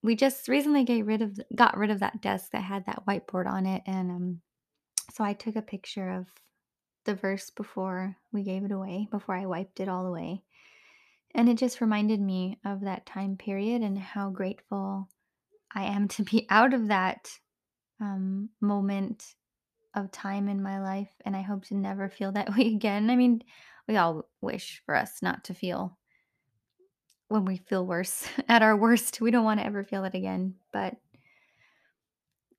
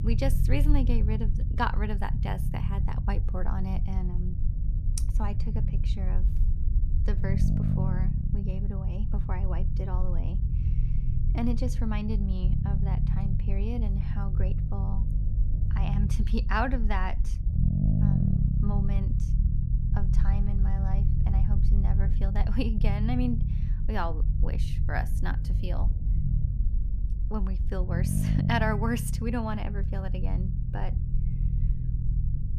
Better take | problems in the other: first | low rumble; loud; throughout; 6 dB below the speech

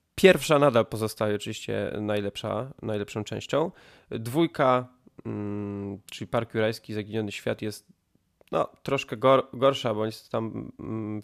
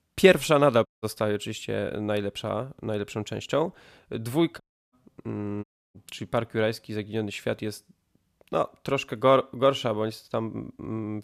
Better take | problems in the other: first | audio cutting out; at 1 s, at 4.5 s and at 5.5 s

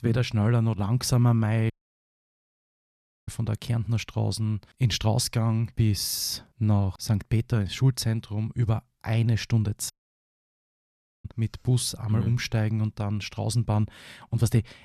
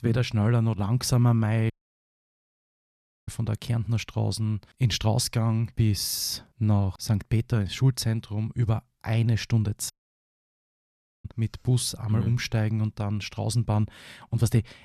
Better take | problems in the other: neither | audio cutting out; at 1.5 s for 1.5 s and at 10 s for 1.5 s; the same in both

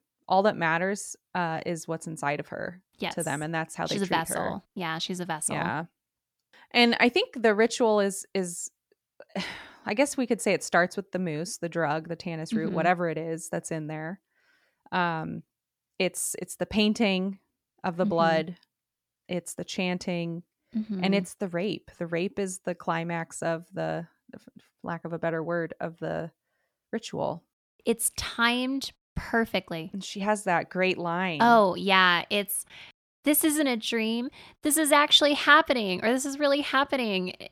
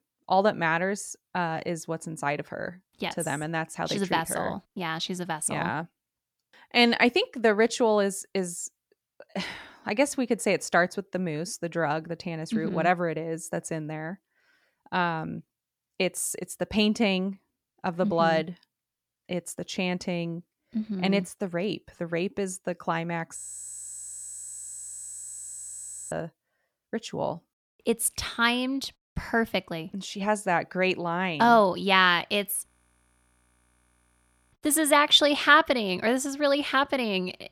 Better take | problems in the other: first | audio freezing; at 23 s for 2.5 s and at 33 s for 2 s

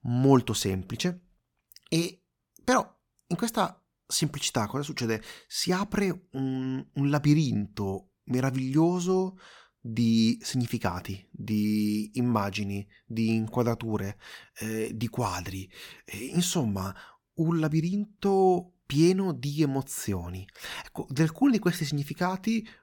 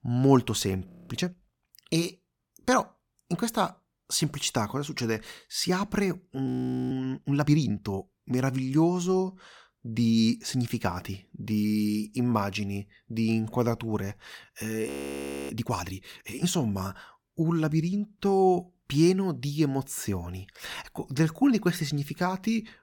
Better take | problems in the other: first | audio freezing; at 1 s, at 6.5 s and at 15 s for 0.5 s

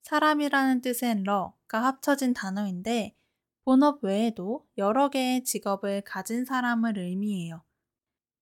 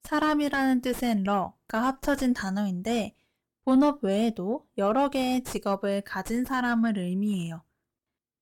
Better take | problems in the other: first | distortion; slight; 9 dB below the speech

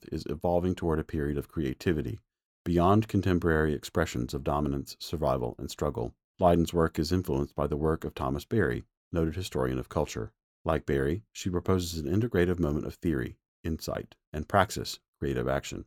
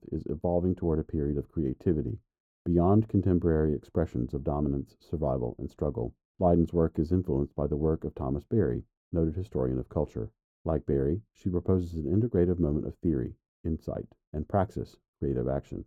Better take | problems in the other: first | muffled; very; fading above 1 kHz

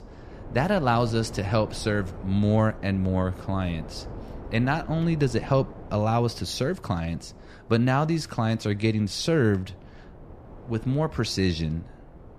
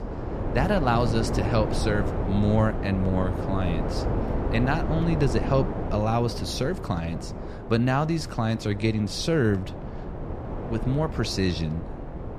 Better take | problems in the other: first | wind noise on the microphone; heavy; 6 dB below the speech; occasional gusts in the first

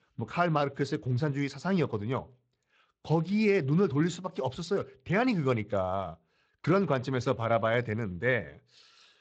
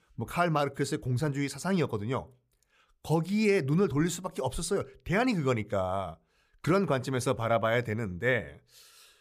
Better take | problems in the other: second | garbled, watery; slightly; nothing above 7.5 kHz

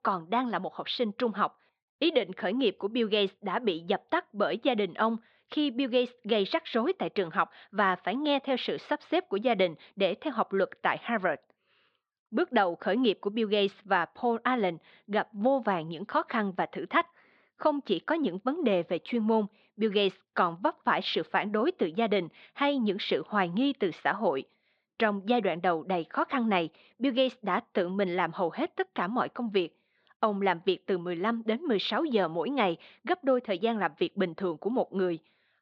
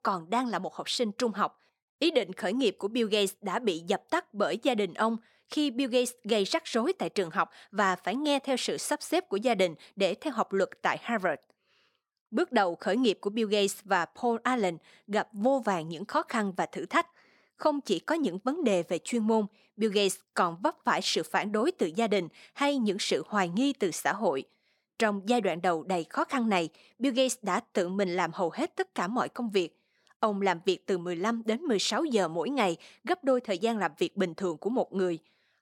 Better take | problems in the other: second | muffled; slightly; fading above 3.5 kHz

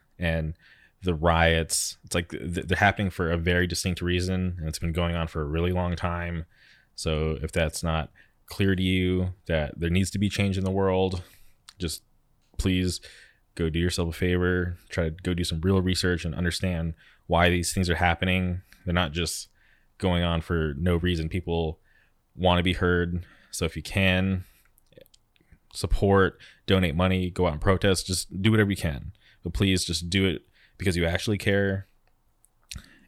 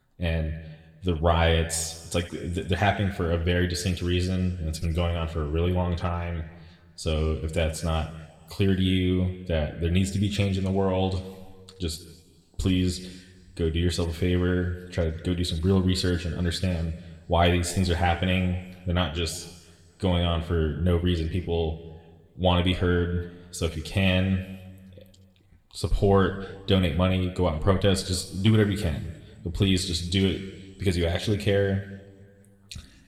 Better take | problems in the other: first | room echo; slight; dies away in 1.2 s

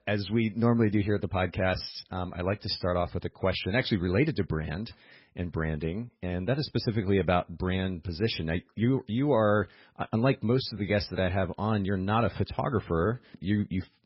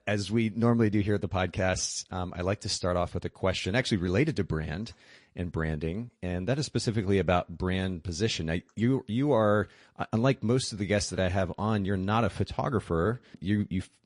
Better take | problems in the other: second | garbled, watery; badly; nothing above 5.5 kHz; slightly in the second

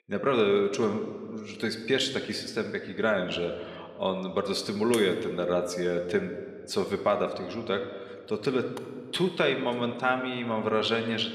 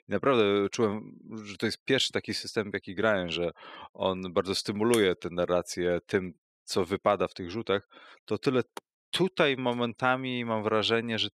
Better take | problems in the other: second | room echo; slight; dies away in 1.3 s

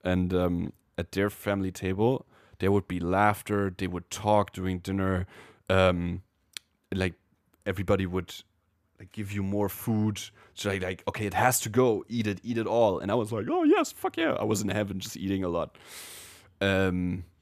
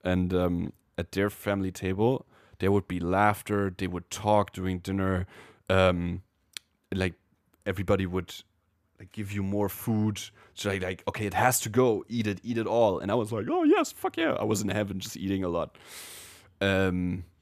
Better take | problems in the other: neither | none

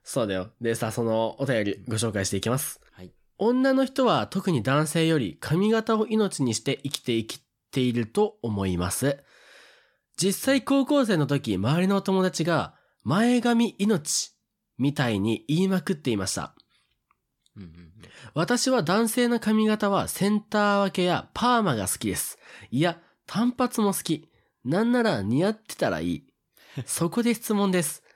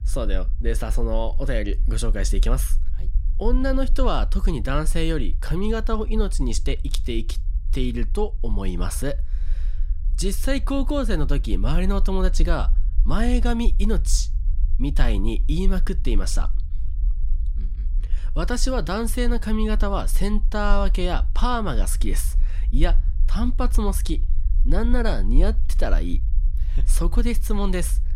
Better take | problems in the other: first | low rumble; faint; throughout; 20 dB below the speech

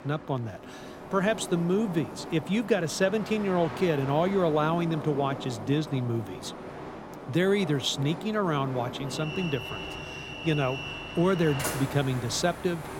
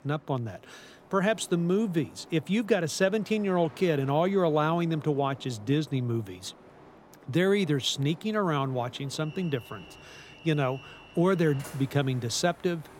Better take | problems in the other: second | train or aircraft noise; loud; throughout; 10 dB below the speech; faint in the second

